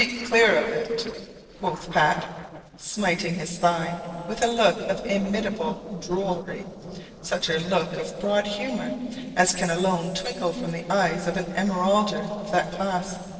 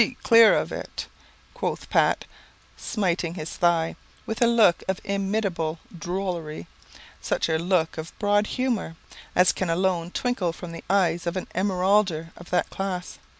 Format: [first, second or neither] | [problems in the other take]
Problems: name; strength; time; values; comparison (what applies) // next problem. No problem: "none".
second | noise reduction (neural separator model SepFormer DNS4)